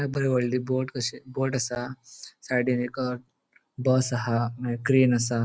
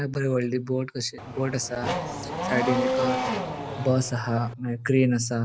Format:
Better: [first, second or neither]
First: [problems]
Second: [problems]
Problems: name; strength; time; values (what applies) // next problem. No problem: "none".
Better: first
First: none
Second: background sound (Race car, auto racing / Accelerating, revving, vroom); 3 dB below the speech